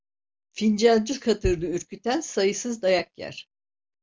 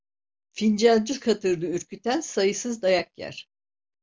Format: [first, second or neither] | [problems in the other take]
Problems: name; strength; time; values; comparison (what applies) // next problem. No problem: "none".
second | background sound (Bass drum); 13 dB below the speech